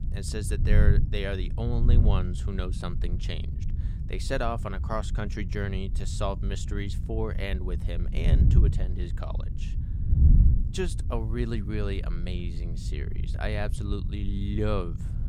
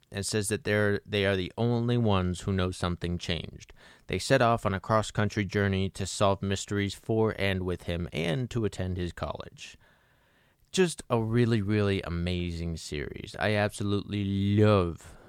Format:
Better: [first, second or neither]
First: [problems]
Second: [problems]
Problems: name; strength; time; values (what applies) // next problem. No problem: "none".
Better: second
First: wind noise on the microphone; heavy; 8 dB below the speech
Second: none